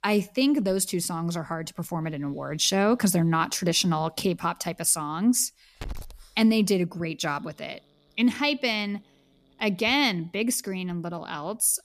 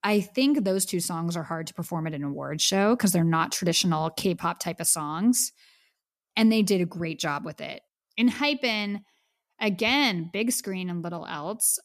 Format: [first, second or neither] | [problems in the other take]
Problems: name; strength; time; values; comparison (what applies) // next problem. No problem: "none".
second | hiss; faint; throughout; 25 dB below the speech